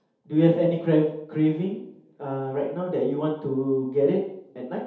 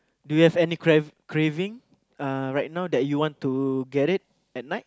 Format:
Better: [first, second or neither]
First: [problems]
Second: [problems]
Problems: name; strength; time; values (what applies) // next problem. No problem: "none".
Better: second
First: room echo; dies away in 0.8 s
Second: none